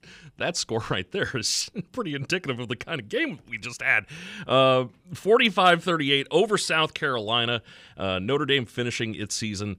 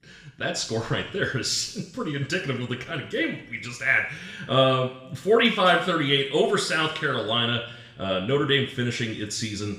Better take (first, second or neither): first